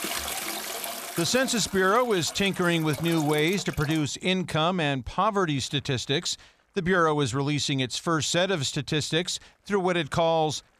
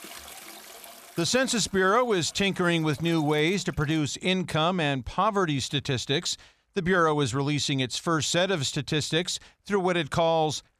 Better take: second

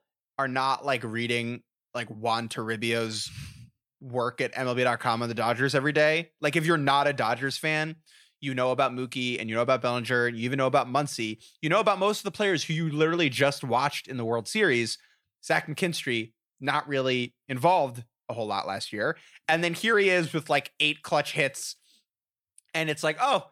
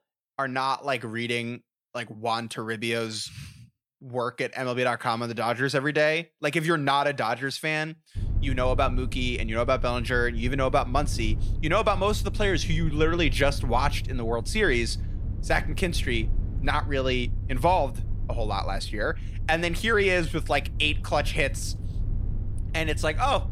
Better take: first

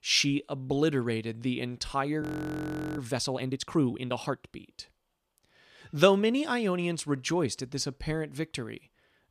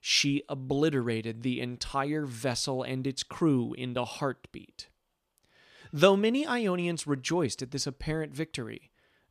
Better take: second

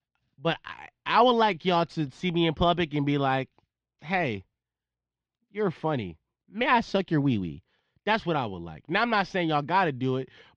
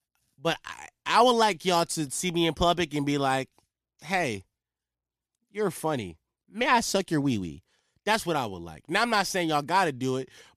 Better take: second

